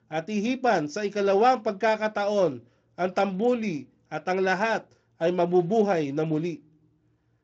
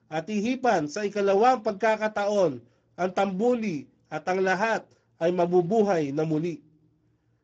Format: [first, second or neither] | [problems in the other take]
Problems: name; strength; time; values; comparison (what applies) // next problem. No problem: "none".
first | garbled, watery; badly; slightly in the first